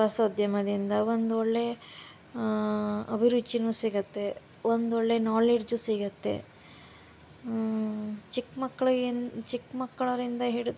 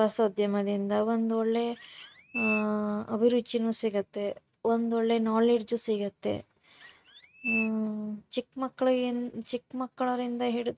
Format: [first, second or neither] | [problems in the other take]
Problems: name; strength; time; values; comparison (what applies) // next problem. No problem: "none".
first | noise reduction (neural mask model RNNoise)